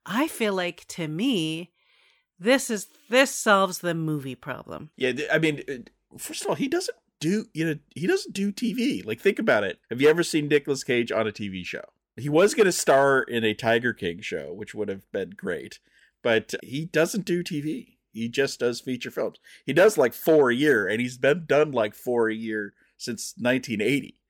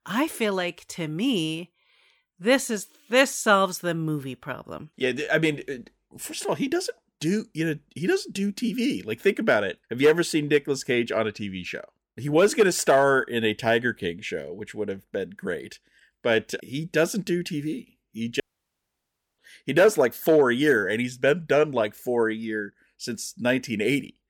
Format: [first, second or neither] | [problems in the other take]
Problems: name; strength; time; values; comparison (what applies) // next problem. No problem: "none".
first | audio cutting out; at 18 s for 1 s